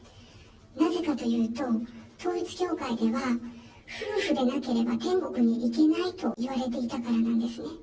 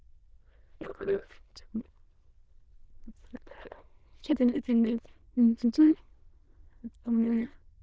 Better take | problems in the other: first | noise reduction (neural diffusion model UNIVERSE++)

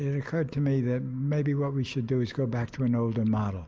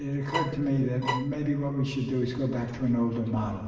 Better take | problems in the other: first | background sound (Bowed string instrument); 6 dB below the speech // room echo; dies away in 1.2 s

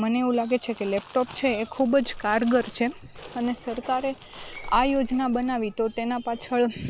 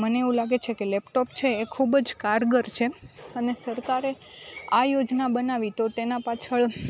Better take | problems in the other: second | background sound (Crumpling, crinkling); 17 dB below the speech

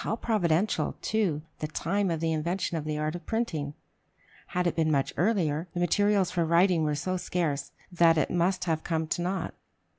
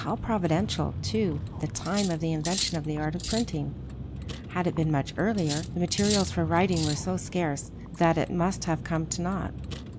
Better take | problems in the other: first | background sound (Cutlery, silverware + Vehicle); 7 dB below the speech

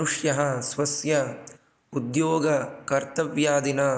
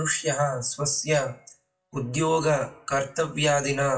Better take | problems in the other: first | noise reduction (classical method WPE with log-MMSE)

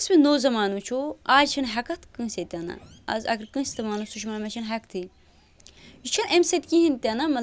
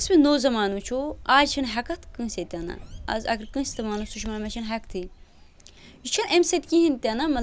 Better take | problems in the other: first | background sound (Bird); 16 dB below the speech

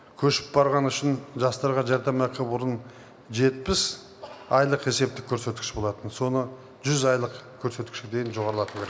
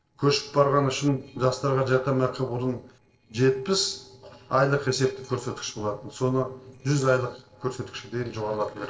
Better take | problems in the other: first | noise reduction (neural separator model SepFormer DNS4)

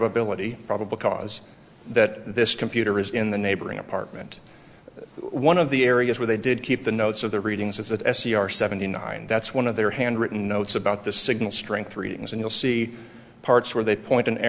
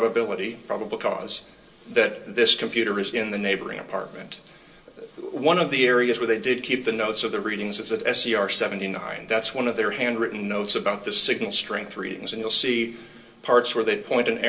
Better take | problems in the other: first | room echo; dies away in 0.2 s

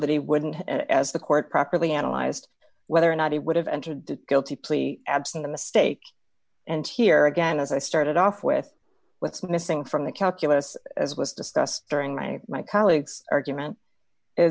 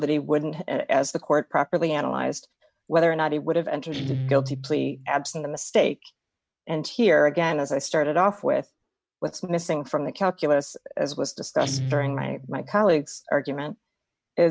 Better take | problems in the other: first | noise reduction (neural mask model RNNoise)

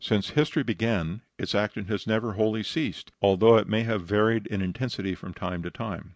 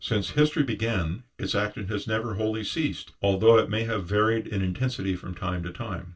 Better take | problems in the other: first | room echo; dies away in 0.2 s

